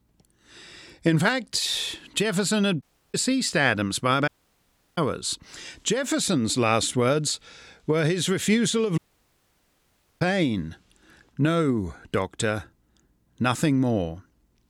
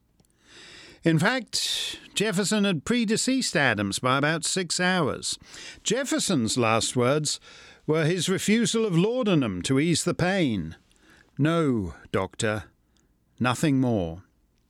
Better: second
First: audio cutting out; at 3 s, at 4.5 s for 0.5 s and at 9 s for 1 s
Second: none

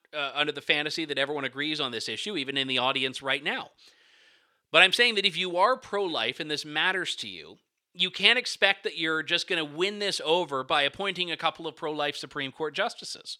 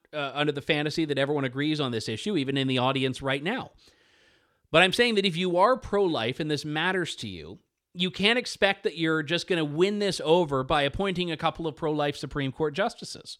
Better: second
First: thin; somewhat; fading below 1 kHz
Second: none

